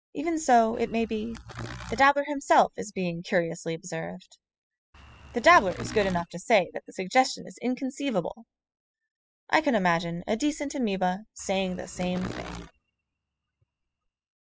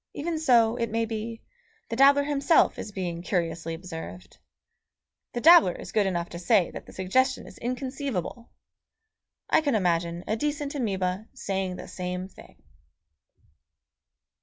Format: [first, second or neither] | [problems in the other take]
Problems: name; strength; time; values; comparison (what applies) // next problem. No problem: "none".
second | noise reduction (classical method spectral subtraction)